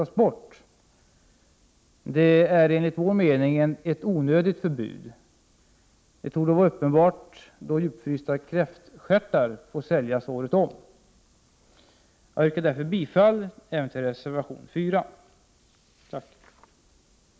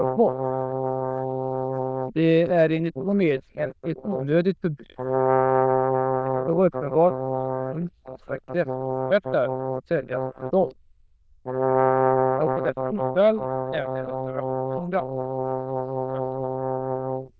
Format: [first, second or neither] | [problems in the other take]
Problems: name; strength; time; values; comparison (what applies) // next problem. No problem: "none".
first | noise reduction (neural diffusion model UNIVERSE++)